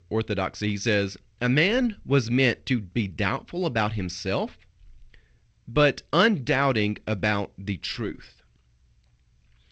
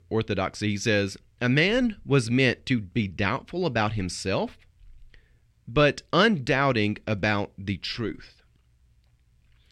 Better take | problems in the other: second | garbled, watery; slightly

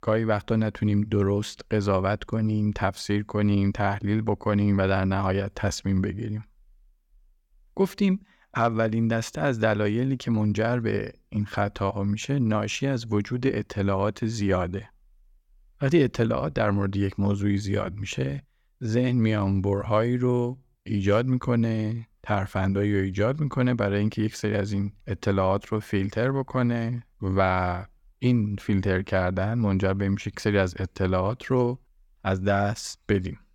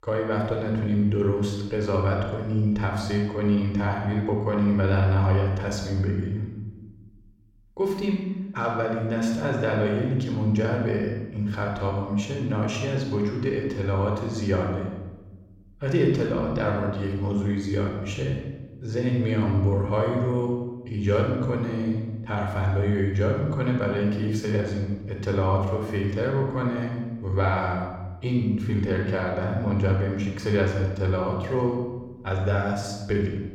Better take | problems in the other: first | off-mic speech; somewhat distant // room echo; noticeable; dies away in 1 s

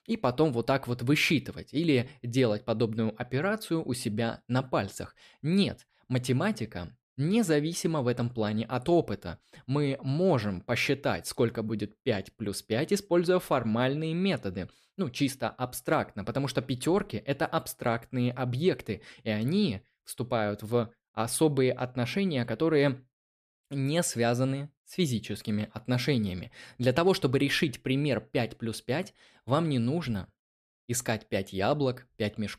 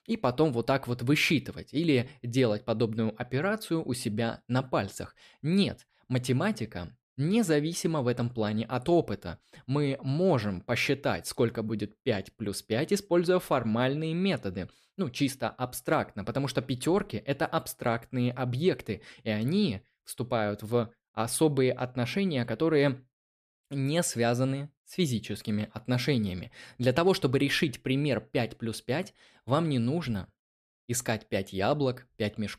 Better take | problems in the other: neither | none

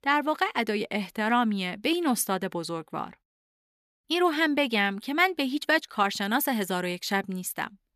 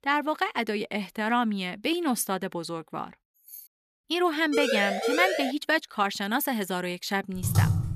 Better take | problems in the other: first | jangling keys; faint; at 3.5 s; peak 15 dB below the speech // siren; loud; from 4.5 to 5.5 s; peak 1 dB above the speech // keyboard typing; loud; at 7.5 s; peak 3 dB above the speech

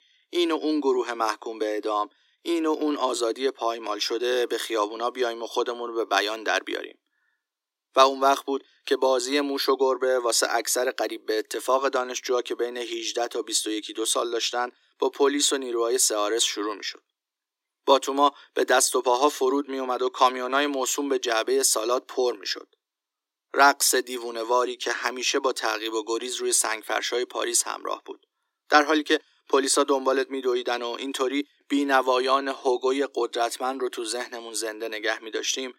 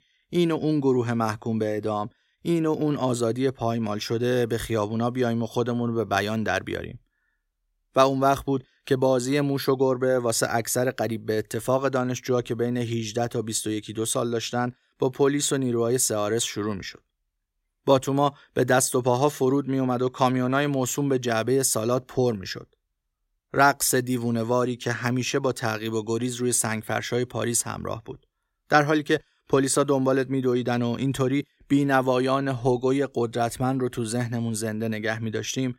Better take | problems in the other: second | thin; somewhat; fading below 300 Hz

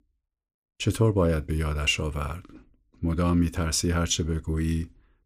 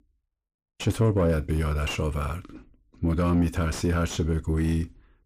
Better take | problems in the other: first | distortion; slight; 10 dB below the speech

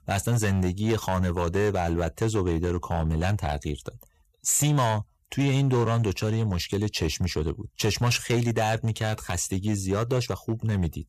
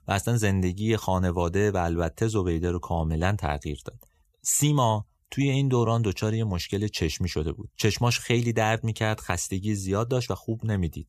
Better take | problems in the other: second | distortion; slight; 7% of the sound clipped

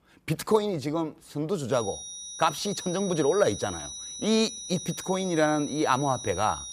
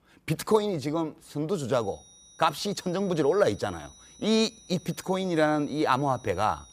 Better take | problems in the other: second | high-pitched whine; loud; from 1.5 s on; 6 kHz, 9 dB below the speech; faint in the second

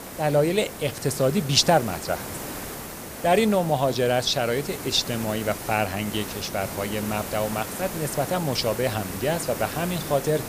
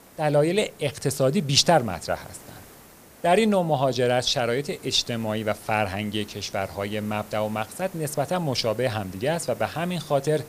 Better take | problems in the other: second | hiss; loud; throughout; 9 dB below the speech; faint in the second

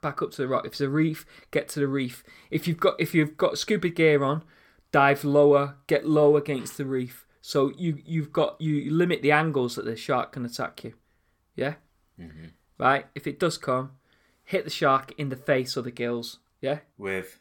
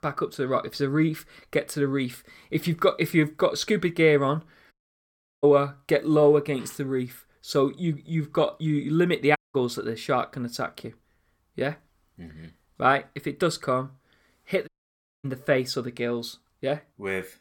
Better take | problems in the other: first | audio cutting out; at 4.5 s for 0.5 s, at 9.5 s and at 15 s for 0.5 s

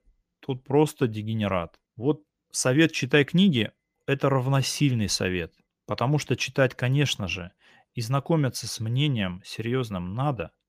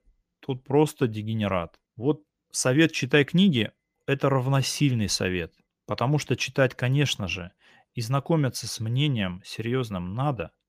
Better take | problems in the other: neither | none

